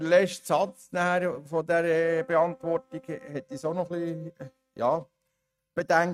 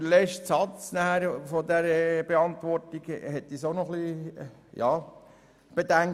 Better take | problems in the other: second | noise reduction (neural mask model RNNoise)

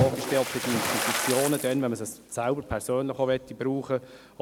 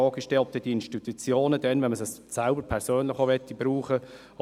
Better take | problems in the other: second | background sound (Splash, splatter); 4 dB below the speech

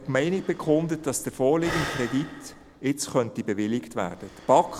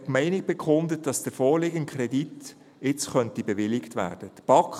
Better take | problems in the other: second | background sound (Breathing); 14 dB below the speech

